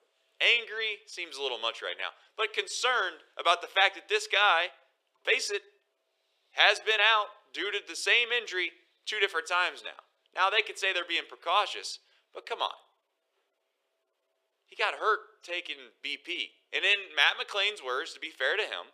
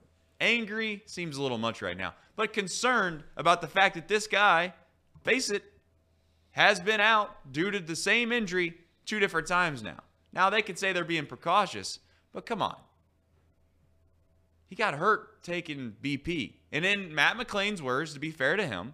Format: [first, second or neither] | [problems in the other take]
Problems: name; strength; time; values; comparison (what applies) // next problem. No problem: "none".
second | thin; very; fading below 400 Hz